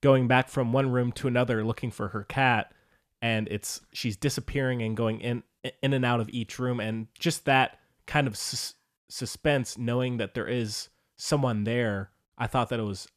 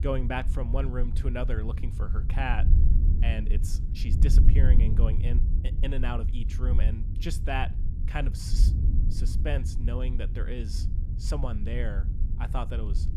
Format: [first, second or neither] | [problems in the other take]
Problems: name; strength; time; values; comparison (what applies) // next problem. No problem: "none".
first | wind noise on the microphone; heavy; 8 dB below the speech